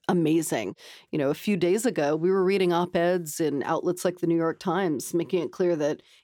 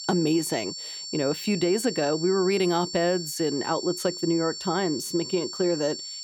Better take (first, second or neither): first